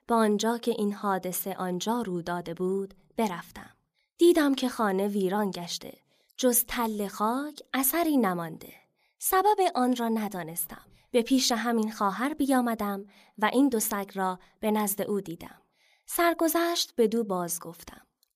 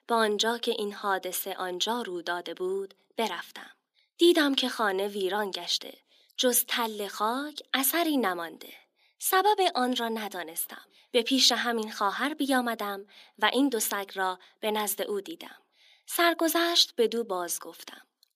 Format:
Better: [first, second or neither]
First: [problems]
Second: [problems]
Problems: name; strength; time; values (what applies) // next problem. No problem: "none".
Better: first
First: none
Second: thin; very slightly; fading below 250 Hz